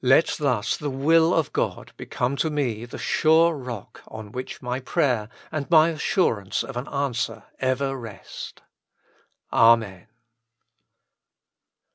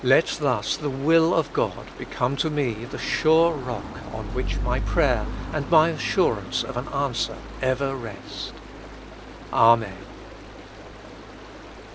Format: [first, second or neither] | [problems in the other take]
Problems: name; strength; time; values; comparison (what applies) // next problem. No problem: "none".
first | background sound (Stream); 9 dB below the speech